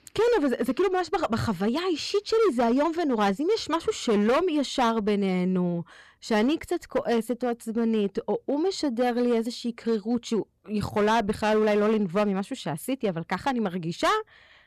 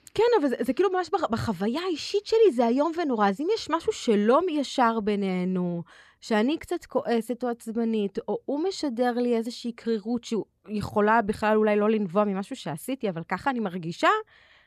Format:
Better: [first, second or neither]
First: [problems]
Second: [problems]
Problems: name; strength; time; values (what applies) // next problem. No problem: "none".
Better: second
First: distortion; slight; 9% of the sound clipped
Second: none